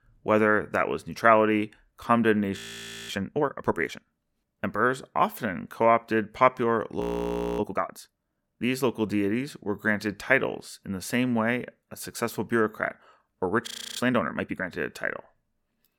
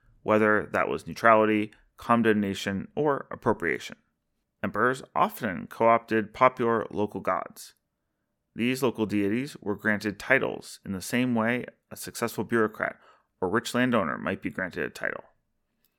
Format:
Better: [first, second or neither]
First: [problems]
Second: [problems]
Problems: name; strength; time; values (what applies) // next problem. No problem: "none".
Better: second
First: audio freezing; at 2.5 s for 0.5 s, at 7 s for 0.5 s and at 14 s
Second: none